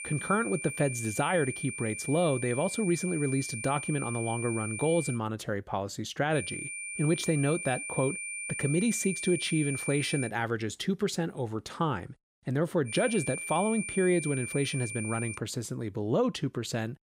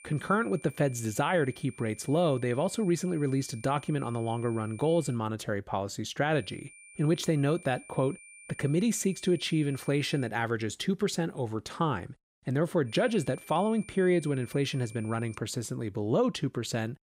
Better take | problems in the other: second | high-pitched whine; loud; until 5 s, from 6.5 to 10 s and from 13 to 15 s; 2.5 kHz, 6 dB below the speech; faint in the second

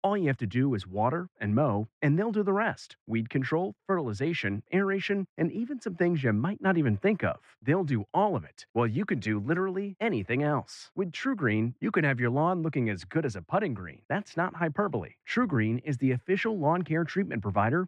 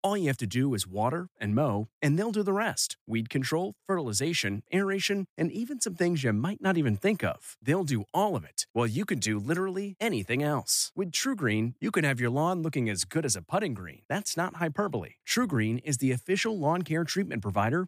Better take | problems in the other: second | muffled; very; fading above 2 kHz

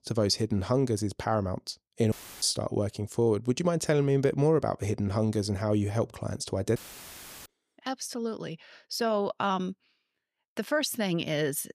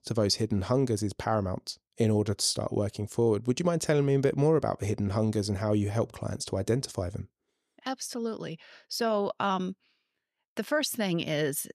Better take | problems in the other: second | audio cutting out; filled with static; at 2 s and at 7 s for 0.5 s

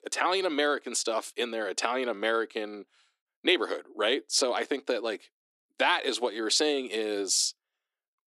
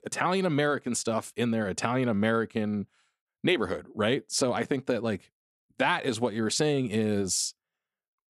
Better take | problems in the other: second | thin; somewhat; fading below 300 Hz

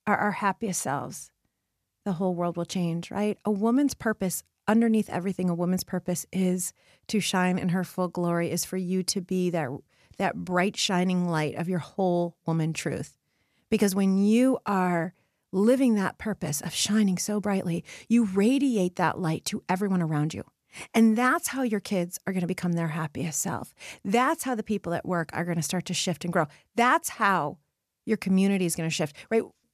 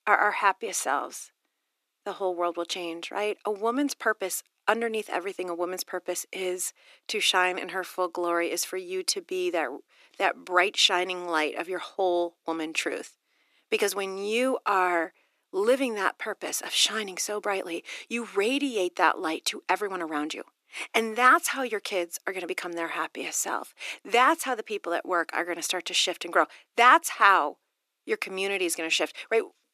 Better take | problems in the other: first | thin; very; fading below 300 Hz

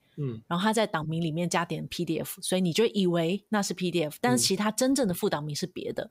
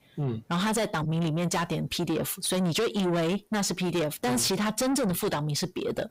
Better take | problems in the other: first | distortion; heavy; 7 dB below the speech

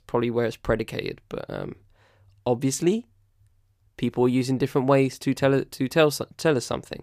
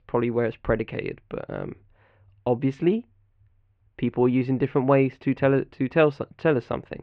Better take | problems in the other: first | muffled; very; fading above 2.5 kHz

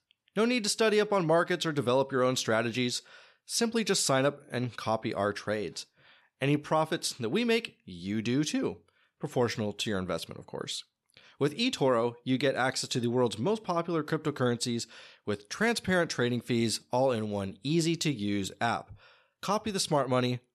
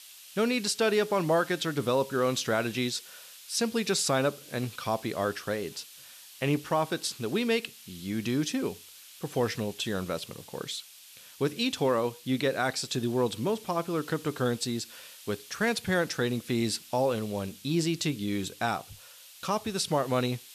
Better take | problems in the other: first | hiss; noticeable; throughout; 20 dB below the speech

